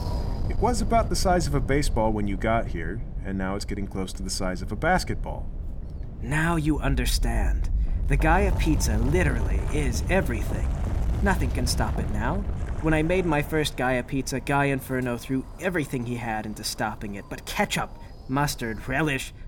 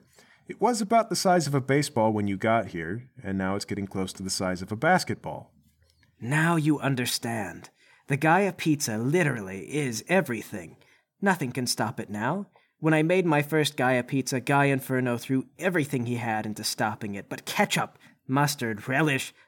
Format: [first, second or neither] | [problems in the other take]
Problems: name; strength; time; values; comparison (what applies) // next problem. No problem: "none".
second | wind noise on the microphone; occasional gusts; 15 dB below the speech